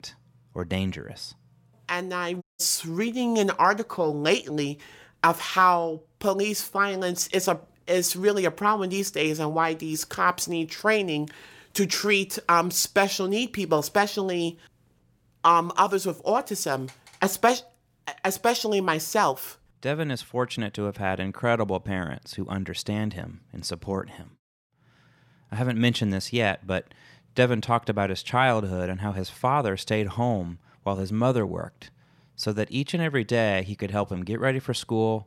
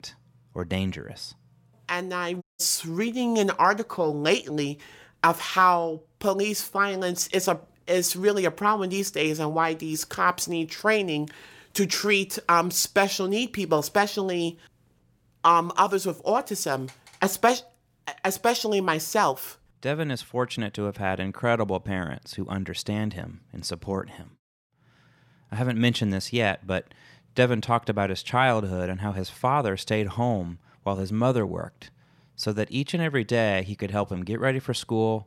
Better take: neither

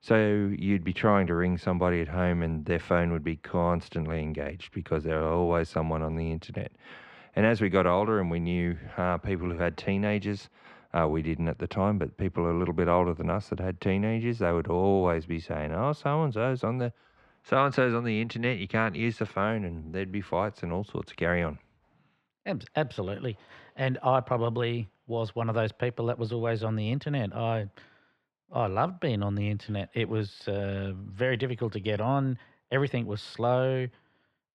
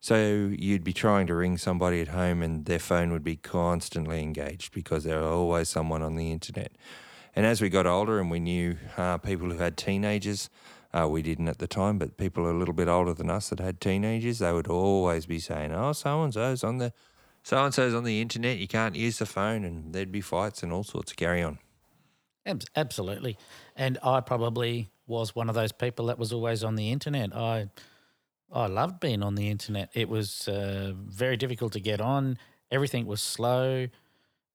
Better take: second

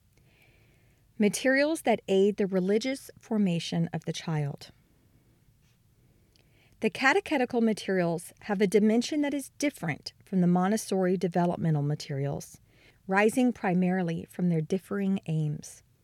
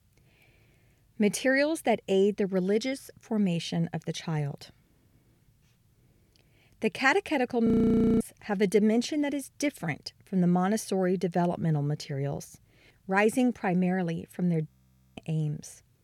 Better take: first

